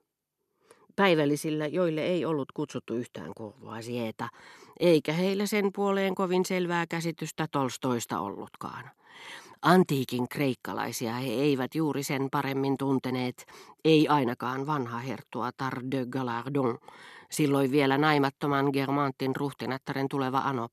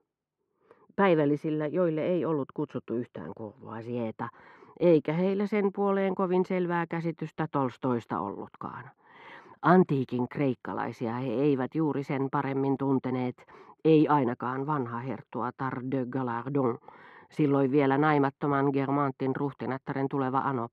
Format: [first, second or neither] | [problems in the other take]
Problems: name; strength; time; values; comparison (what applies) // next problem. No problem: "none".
first | muffled; very; fading above 4 kHz